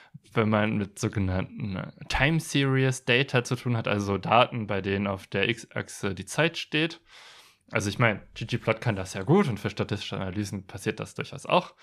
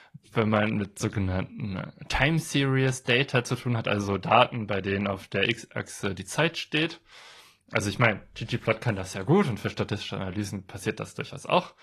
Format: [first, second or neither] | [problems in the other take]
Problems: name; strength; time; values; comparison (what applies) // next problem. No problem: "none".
first | garbled, watery; slightly